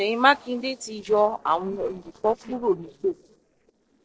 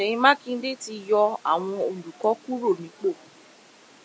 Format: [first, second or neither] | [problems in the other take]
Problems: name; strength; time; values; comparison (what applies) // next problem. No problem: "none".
second | noise reduction (neural separator model SepFormer DNS4)